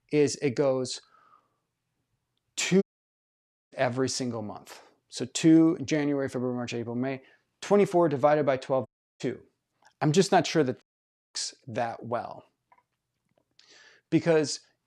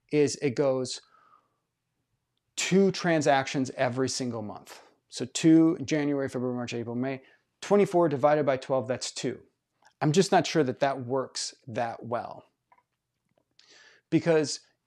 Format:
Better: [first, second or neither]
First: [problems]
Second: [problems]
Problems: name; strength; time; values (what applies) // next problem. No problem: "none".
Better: second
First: audio cutting out; at 3 s for 1 s, at 9 s and at 11 s for 0.5 s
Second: none